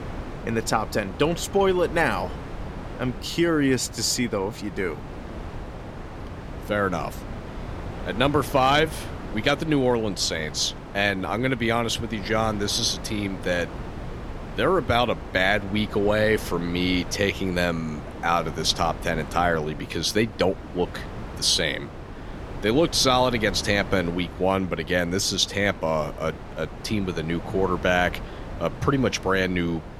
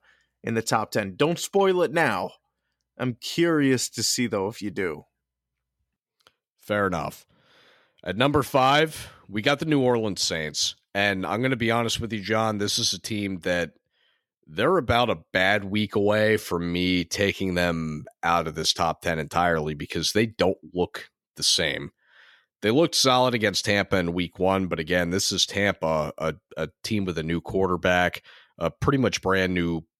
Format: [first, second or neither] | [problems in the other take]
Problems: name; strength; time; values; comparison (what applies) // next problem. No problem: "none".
second | wind noise on the microphone; occasional gusts; 15 dB below the speech